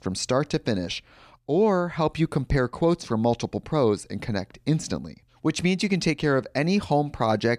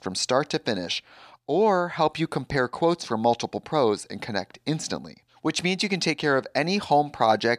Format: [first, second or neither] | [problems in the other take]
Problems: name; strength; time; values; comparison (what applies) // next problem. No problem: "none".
first | thin; very slightly; fading below 300 Hz